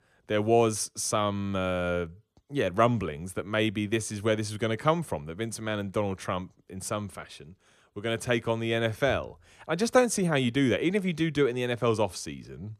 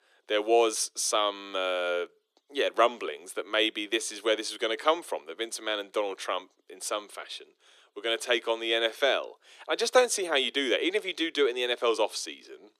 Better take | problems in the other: first | thin; very; fading below 350 Hz

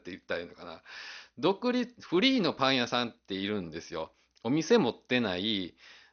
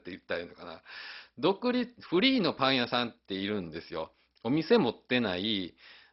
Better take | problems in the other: first | garbled, watery; badly; nothing above 5.5 kHz; slightly in the first

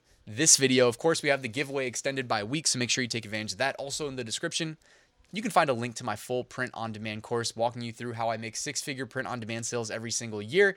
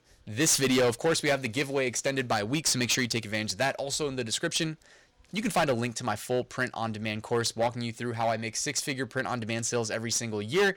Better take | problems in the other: first | distortion; heavy; 6% of the sound clipped

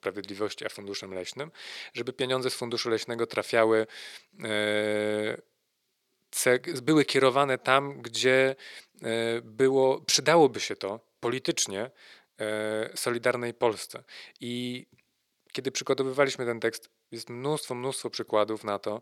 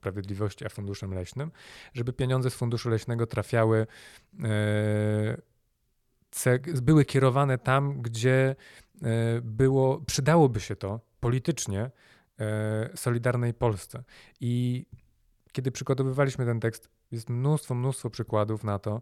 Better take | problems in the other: second | thin; somewhat; fading below 350 Hz

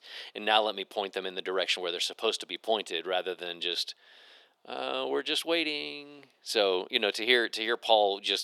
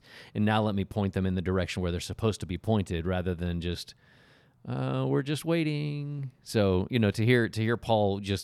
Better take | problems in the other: second | thin; very; fading below 350 Hz

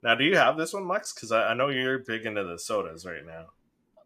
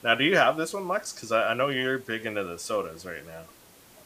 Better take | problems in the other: first | hiss; faint; throughout; 25 dB below the speech

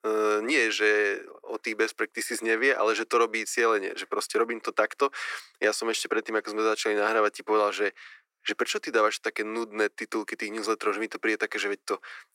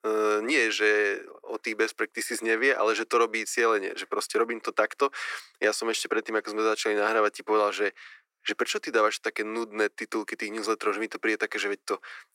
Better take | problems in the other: neither | thin; very; fading below 350 Hz; the same in both

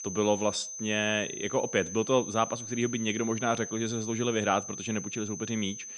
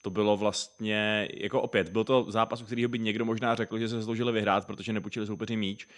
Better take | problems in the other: second | high-pitched whine; loud; throughout; 6 kHz, 8 dB below the speech; faint in the second

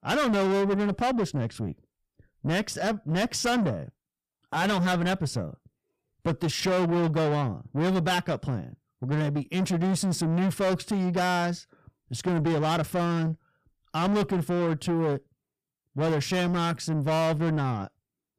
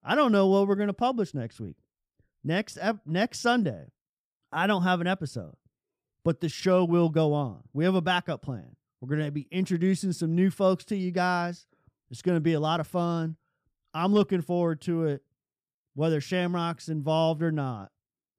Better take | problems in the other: second | distortion; heavy; 6 dB below the speech

